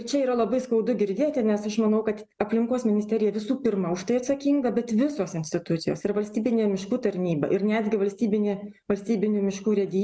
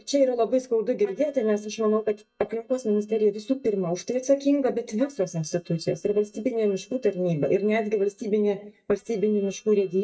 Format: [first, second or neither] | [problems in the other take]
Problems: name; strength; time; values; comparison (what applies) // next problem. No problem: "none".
first | noise reduction (neural mask model DeepFilterNet 3)